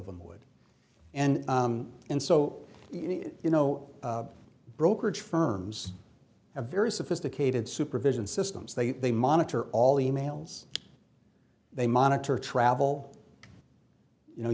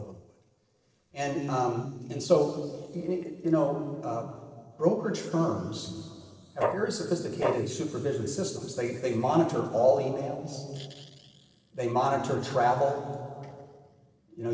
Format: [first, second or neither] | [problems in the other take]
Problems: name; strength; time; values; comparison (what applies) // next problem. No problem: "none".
first | noise reduction (neural separator model SepFormer DNS4)